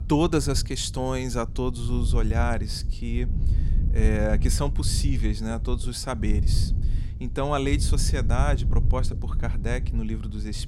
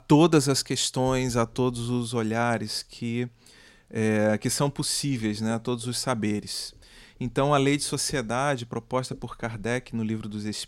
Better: second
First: wind noise on the microphone; occasional gusts; 15 dB below the speech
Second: none

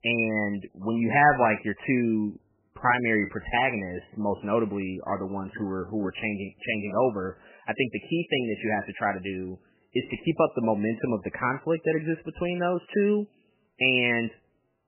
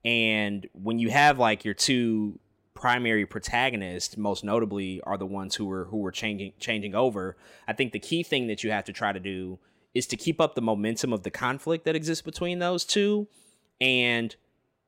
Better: second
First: garbled, watery; badly; nothing above 3 kHz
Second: none

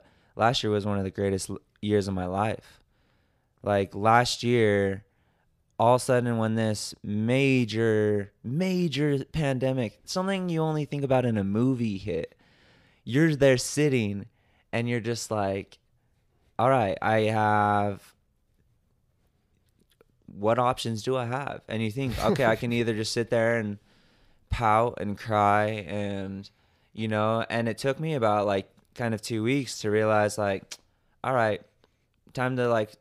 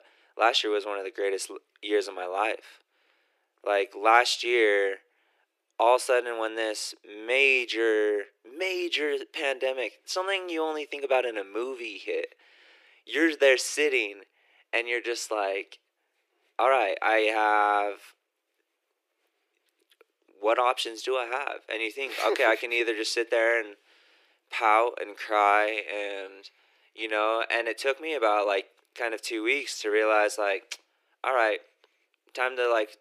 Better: first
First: none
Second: thin; very; fading below 350 Hz

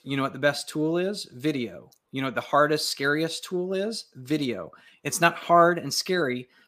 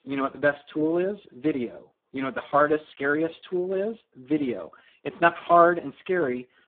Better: first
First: none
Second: phone-call audio; poor line; nothing above 3.5 kHz

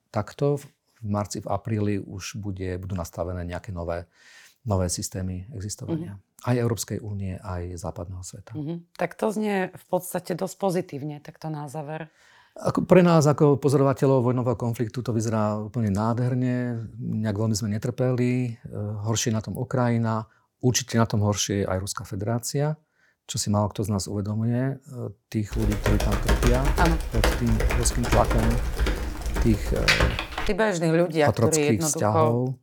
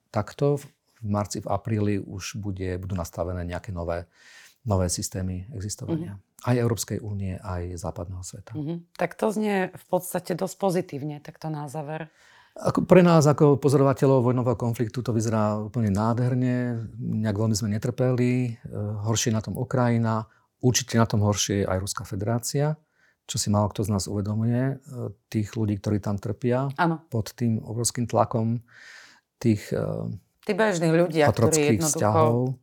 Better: second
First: keyboard typing; loud; from 26 to 31 s; peak 5 dB above the speech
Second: none

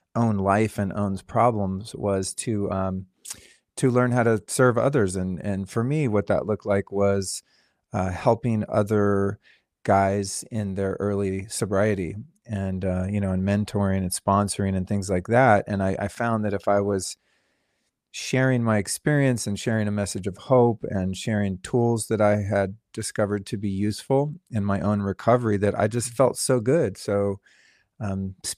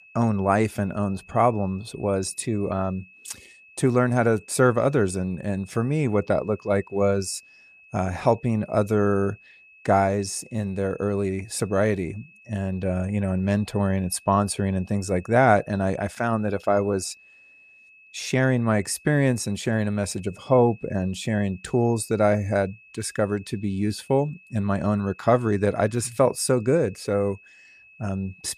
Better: first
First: none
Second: high-pitched whine; faint; throughout; 2.5 kHz, 25 dB below the speech

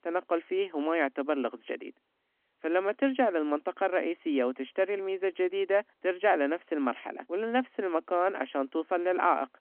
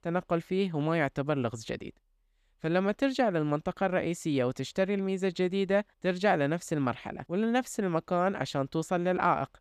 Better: second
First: phone-call audio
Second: none

